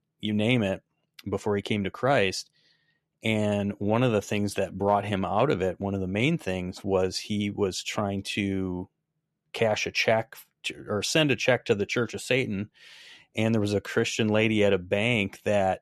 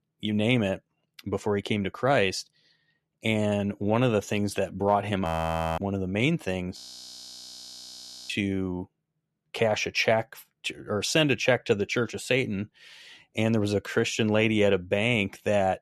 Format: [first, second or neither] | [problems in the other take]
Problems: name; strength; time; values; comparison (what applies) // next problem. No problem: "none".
first | audio freezing; at 5.5 s for 0.5 s and at 7 s for 1.5 s